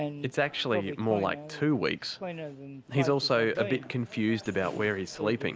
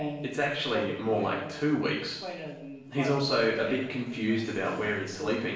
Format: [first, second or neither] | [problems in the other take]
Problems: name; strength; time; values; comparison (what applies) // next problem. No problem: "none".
first | room echo; dies away in 0.7 s